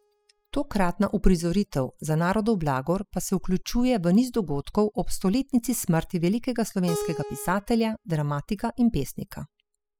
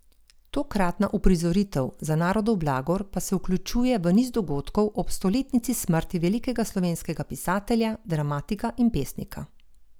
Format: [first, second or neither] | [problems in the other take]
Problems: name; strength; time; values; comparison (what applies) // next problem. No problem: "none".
second | noise reduction (classical method spectral subtraction)